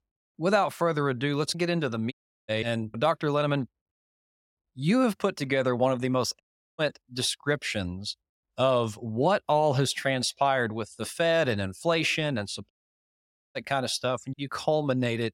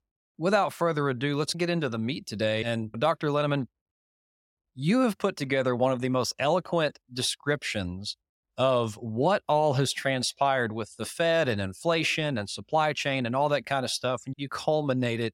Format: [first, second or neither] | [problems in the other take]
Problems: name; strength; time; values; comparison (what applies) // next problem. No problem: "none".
second | audio cutting out; at 2 s, at 6.5 s and at 13 s for 1 s